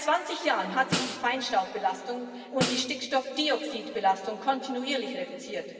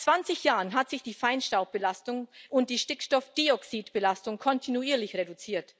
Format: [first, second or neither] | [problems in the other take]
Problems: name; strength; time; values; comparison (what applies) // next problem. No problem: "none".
second | background sound (Snare drum); 7 dB below the speech // room echo; dies away in 2.6 s